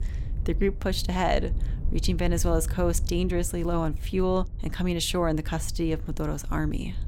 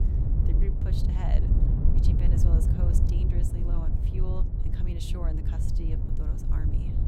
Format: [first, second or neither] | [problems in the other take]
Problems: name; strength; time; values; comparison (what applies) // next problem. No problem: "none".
first | wind noise on the microphone; heavy; 3 dB above the speech; occasional gusts in the first